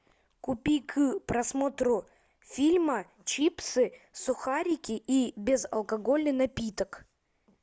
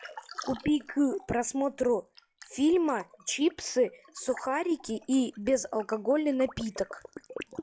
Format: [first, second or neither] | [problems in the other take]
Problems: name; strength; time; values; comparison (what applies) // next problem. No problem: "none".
first | noise reduction (classical method log-MMSE)